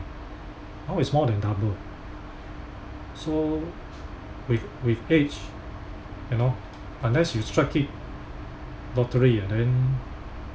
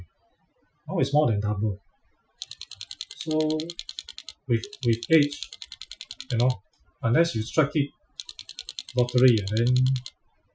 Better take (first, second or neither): first